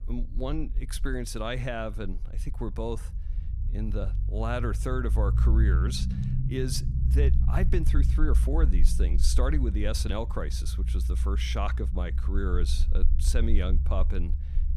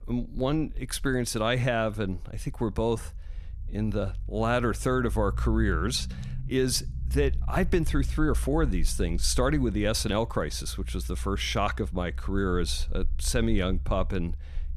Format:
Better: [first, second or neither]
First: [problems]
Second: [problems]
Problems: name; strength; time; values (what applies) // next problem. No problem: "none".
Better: second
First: low rumble; loud; throughout; 10 dB below the speech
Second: low rumble; faint; throughout; 25 dB below the speech